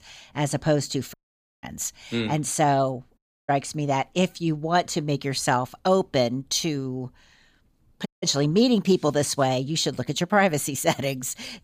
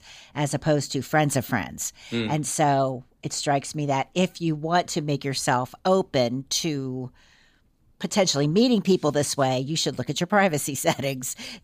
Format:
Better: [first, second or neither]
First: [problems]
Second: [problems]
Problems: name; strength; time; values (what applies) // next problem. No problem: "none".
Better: second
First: audio cutting out; at 1 s, at 3 s and at 8 s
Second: none